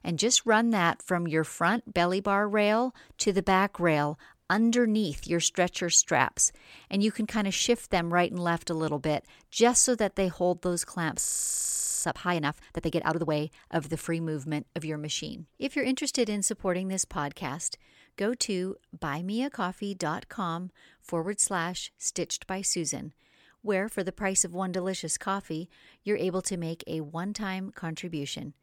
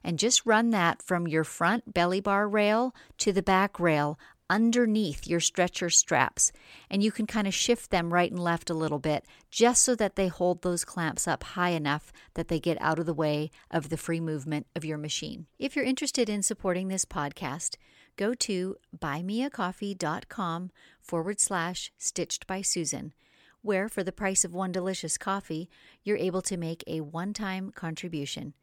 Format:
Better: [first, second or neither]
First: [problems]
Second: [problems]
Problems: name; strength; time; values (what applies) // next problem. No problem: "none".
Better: second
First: audio freezing; at 11 s for 1 s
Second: none